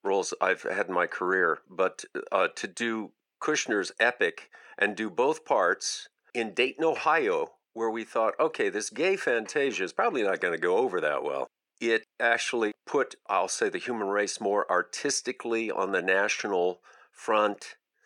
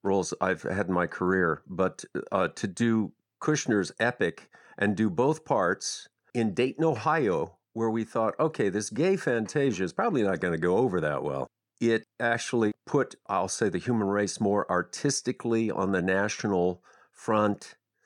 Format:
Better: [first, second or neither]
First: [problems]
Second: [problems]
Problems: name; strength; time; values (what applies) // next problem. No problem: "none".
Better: second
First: thin; somewhat; fading below 450 Hz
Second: none